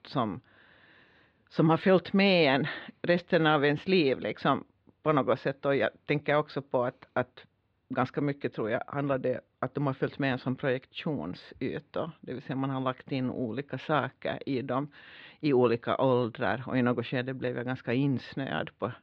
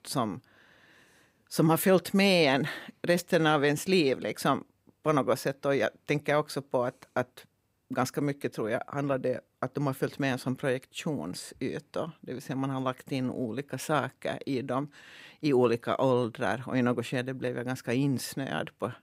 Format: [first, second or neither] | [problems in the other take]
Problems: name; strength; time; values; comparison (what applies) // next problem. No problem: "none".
second | muffled; very slightly; fading above 4 kHz